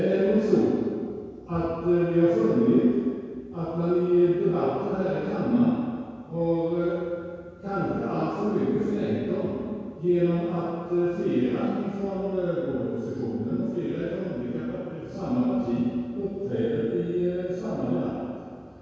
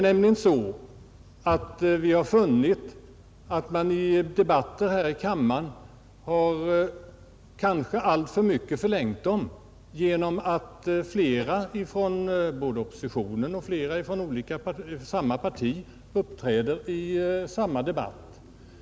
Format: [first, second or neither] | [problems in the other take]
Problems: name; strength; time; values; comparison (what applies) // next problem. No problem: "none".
second | room echo; dies away in 2 s